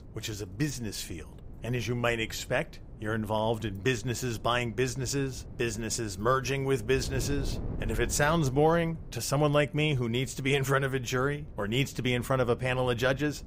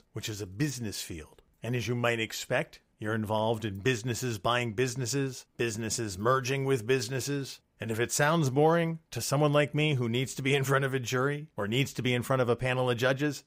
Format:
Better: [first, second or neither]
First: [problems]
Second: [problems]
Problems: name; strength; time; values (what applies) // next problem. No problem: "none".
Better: second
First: wind noise on the microphone; occasional gusts; 20 dB below the speech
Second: none